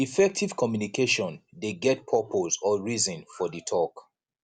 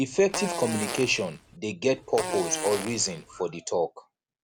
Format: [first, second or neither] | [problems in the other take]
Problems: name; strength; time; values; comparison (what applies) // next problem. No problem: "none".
first | background sound (Fart); 7 dB below the speech